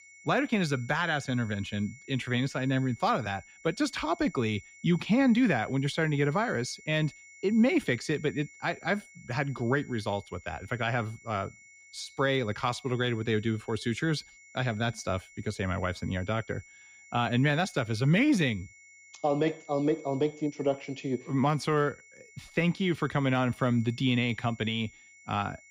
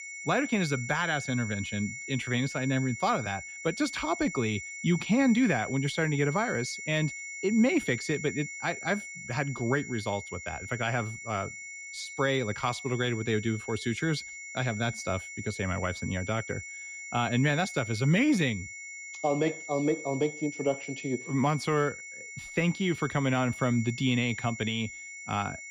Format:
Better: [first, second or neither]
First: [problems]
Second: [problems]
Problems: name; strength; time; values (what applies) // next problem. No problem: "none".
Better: first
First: high-pitched whine; faint; throughout; 2 kHz, 20 dB below the speech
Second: high-pitched whine; loud; throughout; 2 kHz, 9 dB below the speech